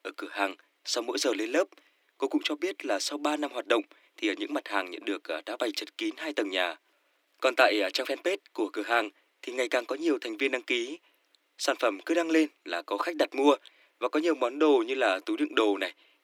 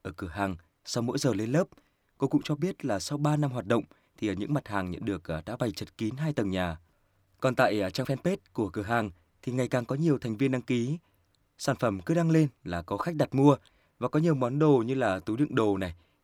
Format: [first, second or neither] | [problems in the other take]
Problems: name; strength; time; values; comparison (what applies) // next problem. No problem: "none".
second | thin; somewhat; fading below 300 Hz